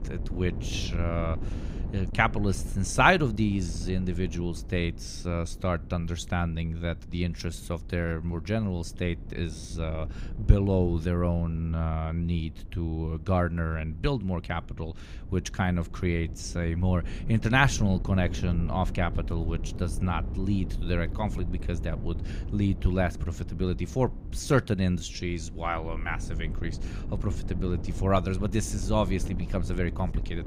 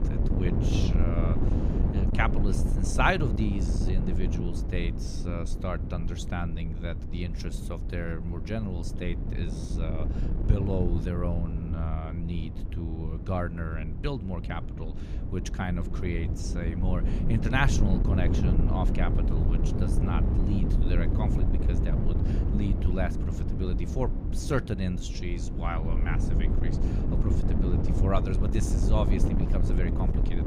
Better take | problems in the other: first | wind noise on the microphone; heavy; 4 dB below the speech; occasional gusts in the first

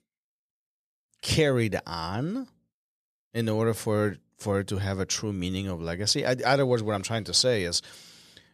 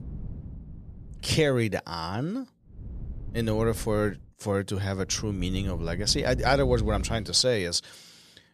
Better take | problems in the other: first | low rumble; faint; until 1.5 s, from 3 to 4 s and from 5 to 7.5 s; 20 dB below the speech

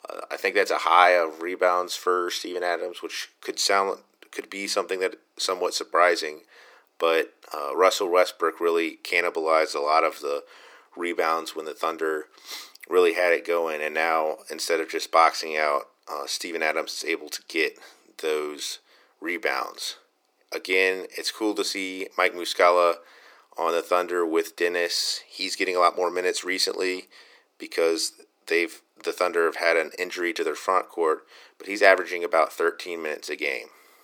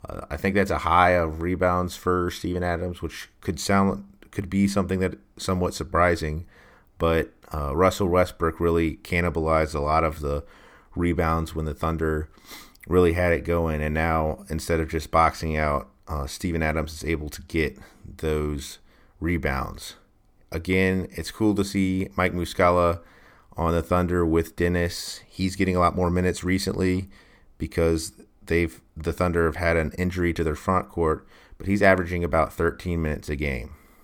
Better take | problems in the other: second | thin; very; fading below 350 Hz

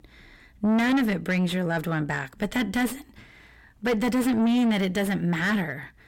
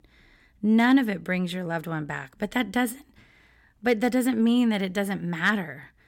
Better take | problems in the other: second | distortion; heavy; 6 dB below the speech

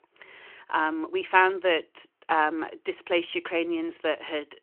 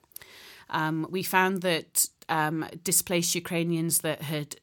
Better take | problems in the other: second | phone-call audio

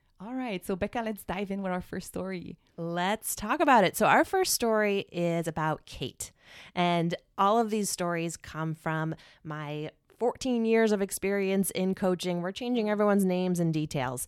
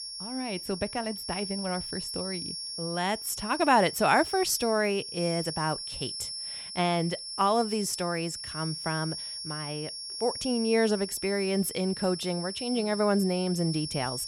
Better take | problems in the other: first | high-pitched whine; loud; throughout; 5.5 kHz, 6 dB below the speech

